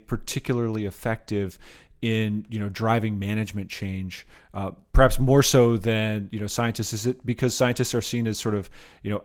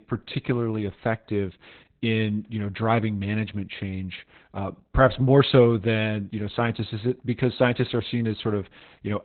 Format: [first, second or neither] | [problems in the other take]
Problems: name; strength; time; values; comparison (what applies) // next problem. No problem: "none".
first | garbled, watery; badly; nothing above 4 kHz; slightly in the first